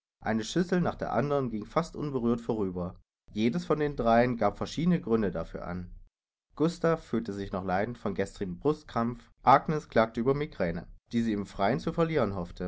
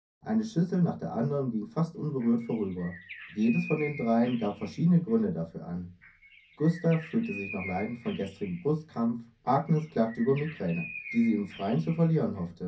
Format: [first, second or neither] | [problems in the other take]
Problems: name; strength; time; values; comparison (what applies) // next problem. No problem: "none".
first | background sound (Bird); 17 dB below the speech // room echo; dies away in 0.3 s